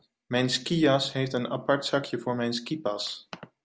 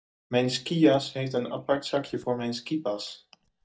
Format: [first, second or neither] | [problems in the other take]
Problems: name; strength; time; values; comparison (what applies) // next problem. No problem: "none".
first | noise reduction (neural mask model DeepFilterNet 3)